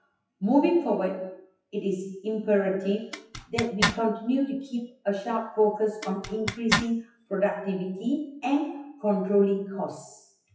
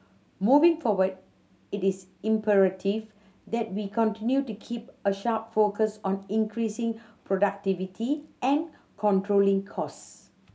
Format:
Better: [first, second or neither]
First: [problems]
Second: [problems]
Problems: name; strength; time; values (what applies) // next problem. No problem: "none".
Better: second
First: noise reduction (classical method WPE with log-MMSE)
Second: none